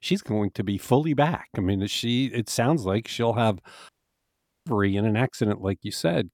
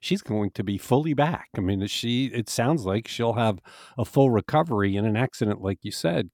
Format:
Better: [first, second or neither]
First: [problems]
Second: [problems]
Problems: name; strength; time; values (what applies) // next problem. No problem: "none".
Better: second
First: audio cutting out; at 4 s for 1 s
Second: none